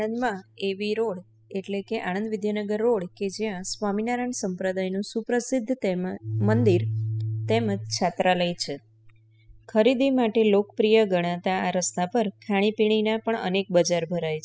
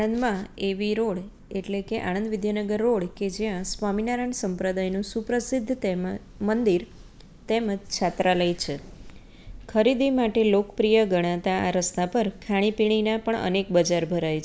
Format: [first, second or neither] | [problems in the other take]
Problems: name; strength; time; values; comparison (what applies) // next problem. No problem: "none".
second | noise reduction (classical method spectral subtraction)